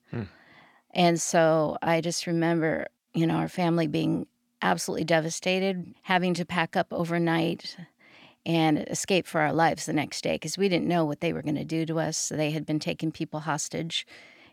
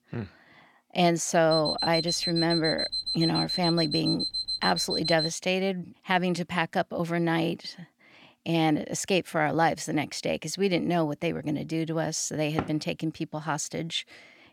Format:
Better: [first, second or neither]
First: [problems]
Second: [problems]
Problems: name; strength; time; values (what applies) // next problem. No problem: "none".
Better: first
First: none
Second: alarm; noticeable; from 1.5 to 5.5 s; peak 1 dB below the speech // door banging; noticeable; at 13 s; peak 8 dB below the speech